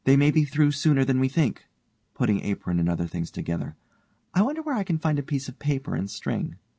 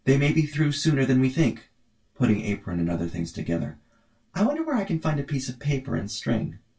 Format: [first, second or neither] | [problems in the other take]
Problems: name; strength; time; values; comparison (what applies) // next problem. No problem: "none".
first | room echo; dies away in 0.2 s